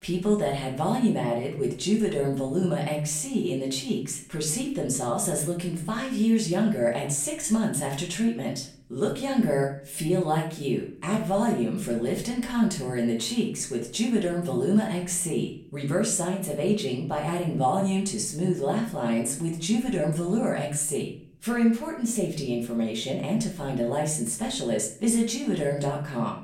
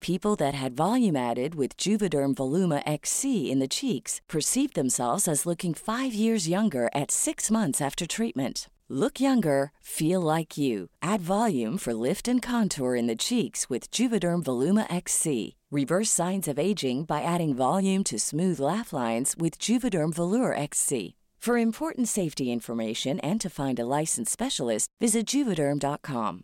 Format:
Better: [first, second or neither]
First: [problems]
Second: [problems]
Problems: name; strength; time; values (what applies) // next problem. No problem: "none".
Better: second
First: room echo; slight; dies away in 0.5 s // off-mic speech; far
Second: none